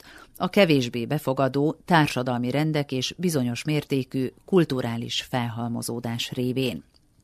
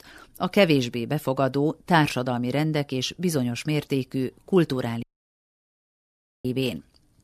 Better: first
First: none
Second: audio cutting out; at 5 s for 1.5 s

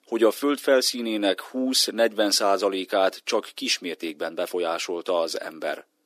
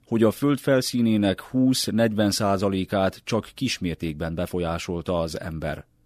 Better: second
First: thin; somewhat; fading below 300 Hz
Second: none

